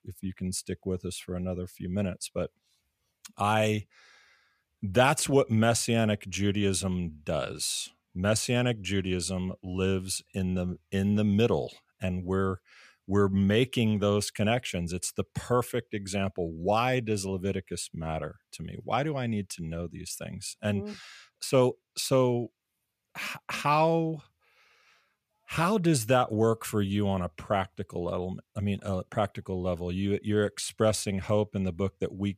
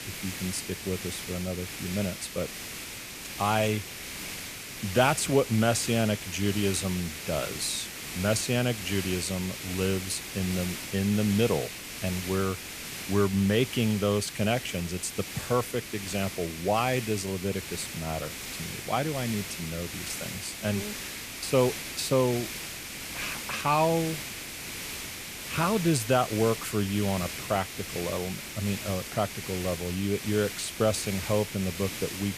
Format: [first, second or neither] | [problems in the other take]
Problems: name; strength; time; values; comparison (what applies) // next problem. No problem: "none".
first | hiss; loud; throughout; 7 dB below the speech